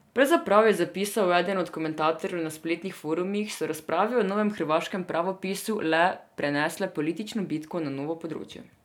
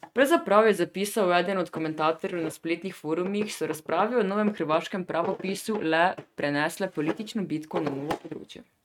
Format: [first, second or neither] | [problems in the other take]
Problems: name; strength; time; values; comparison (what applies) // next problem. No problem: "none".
first | noise reduction (neural mask model RNNoise)